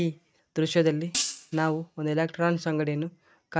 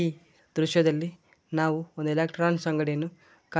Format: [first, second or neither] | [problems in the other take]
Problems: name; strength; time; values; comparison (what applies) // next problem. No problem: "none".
second | noise reduction (neural mask model RNNoise)